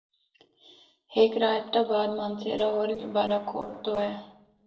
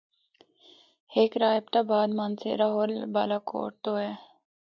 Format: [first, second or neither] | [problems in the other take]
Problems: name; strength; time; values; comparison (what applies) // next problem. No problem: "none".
second | noise reduction (neural separator model SepFormer DNS4)